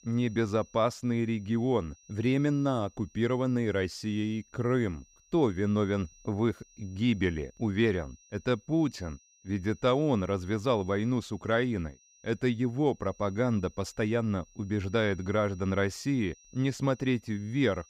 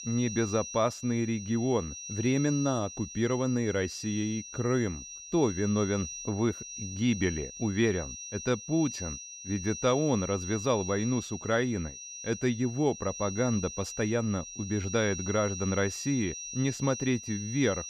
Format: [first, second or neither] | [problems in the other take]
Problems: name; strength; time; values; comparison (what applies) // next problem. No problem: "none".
first | high-pitched whine; loud; throughout; 6 kHz, 9 dB below the speech; faint in the first